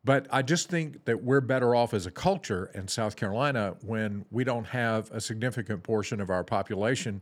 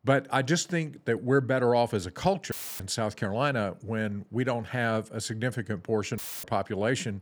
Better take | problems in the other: first | audio cutting out; filled with static; at 2.5 s and at 6 s

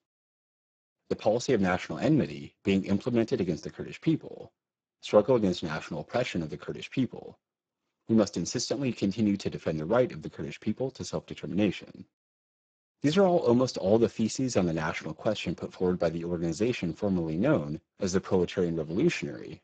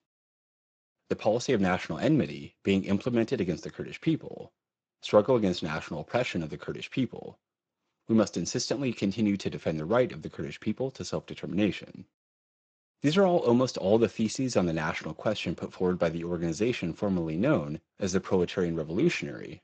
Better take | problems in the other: second | garbled, watery; badly; nothing above 7.5 kHz; slightly in the second

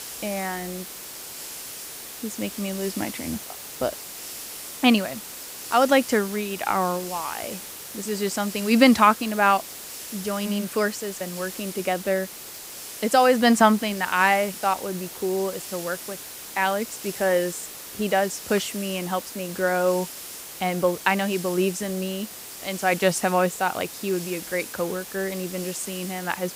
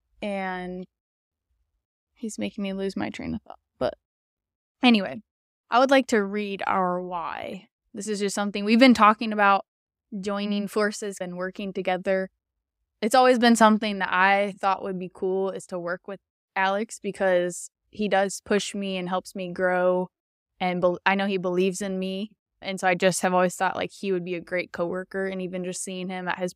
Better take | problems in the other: second | hiss; noticeable; throughout; 10 dB below the speech

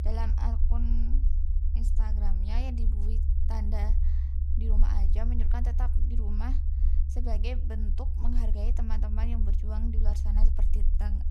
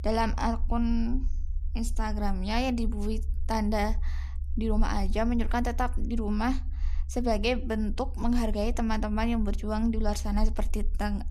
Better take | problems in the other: second | low rumble; loud; throughout; 5 dB below the speech; faint in the second

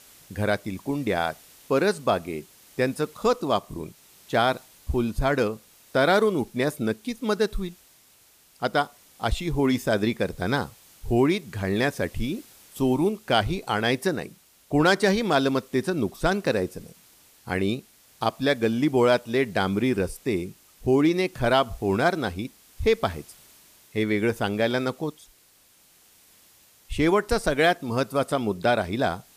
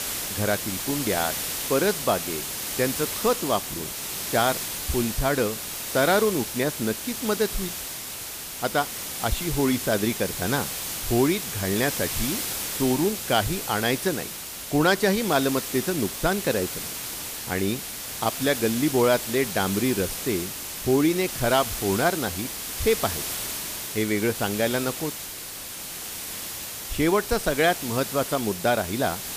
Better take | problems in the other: first | hiss; loud; throughout; 4 dB below the speech; faint in the first

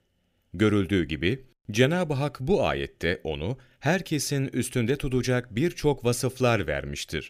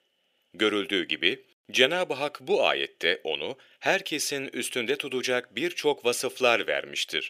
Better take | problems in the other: first | thin; somewhat; fading below 450 Hz

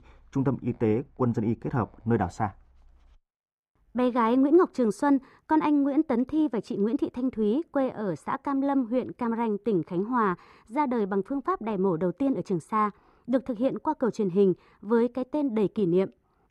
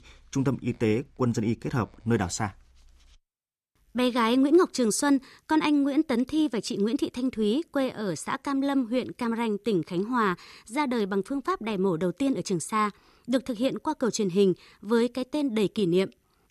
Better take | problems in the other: second | muffled; very; fading above 2.5 kHz

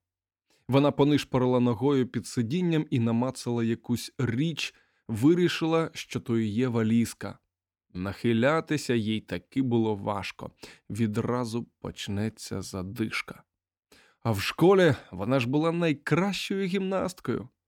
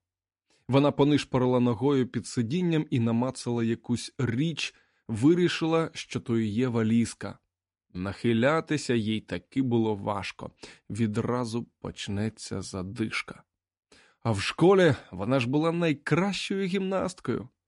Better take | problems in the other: first | garbled, watery; slightly; nothing above 10.5 kHz

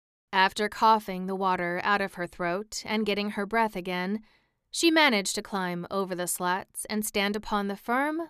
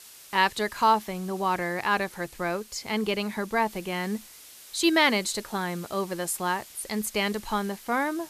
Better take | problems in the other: first | hiss; noticeable; throughout; 20 dB below the speech

